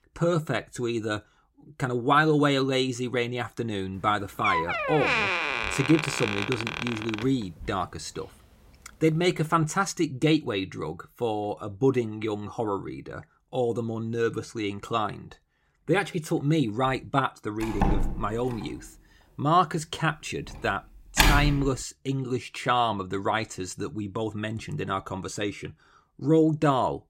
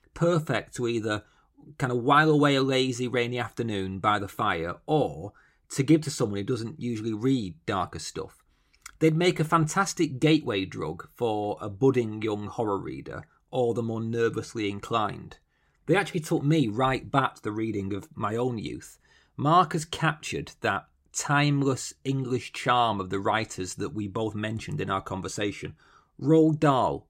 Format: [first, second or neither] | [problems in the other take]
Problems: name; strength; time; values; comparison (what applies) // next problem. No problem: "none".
second | door banging; loud; from 4.5 to 7.5 s and from 18 to 22 s; peak 6 dB above the speech